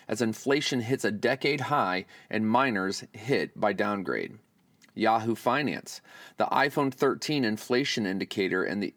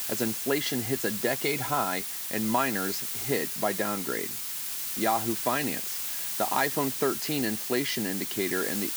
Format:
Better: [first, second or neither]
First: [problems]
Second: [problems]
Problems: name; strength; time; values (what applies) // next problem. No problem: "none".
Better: first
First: none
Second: hiss; loud; throughout; 1 dB below the speech